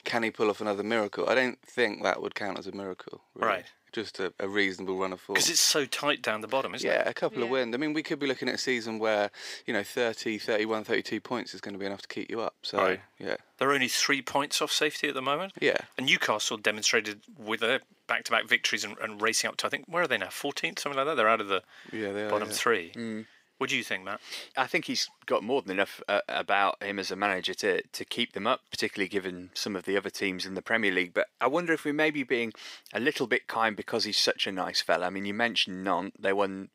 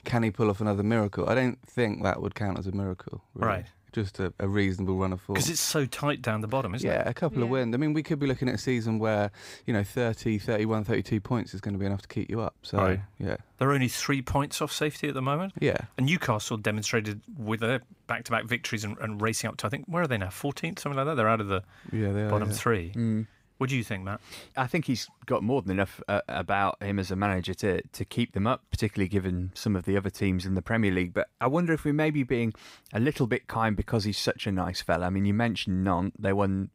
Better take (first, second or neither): second